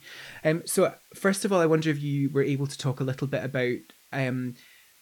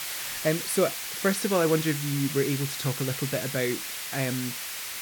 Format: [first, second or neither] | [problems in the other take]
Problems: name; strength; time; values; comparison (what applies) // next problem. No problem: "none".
first | hiss; loud; throughout; 4 dB below the speech; faint in the first